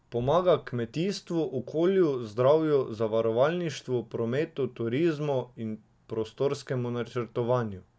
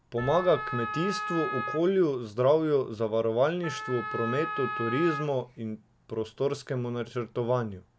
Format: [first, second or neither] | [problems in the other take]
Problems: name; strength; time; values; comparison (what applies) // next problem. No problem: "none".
first | background sound (Wind instrument, woodwind instrument); 7 dB below the speech